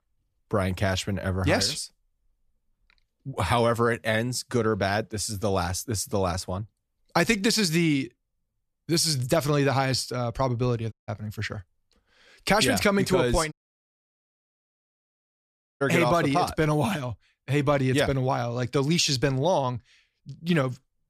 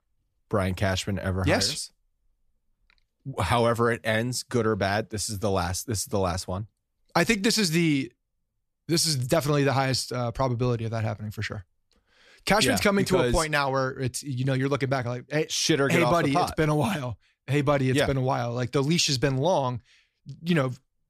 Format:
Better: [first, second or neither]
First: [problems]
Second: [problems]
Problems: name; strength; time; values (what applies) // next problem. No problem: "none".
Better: second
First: audio cutting out; at 11 s and at 14 s for 2.5 s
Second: none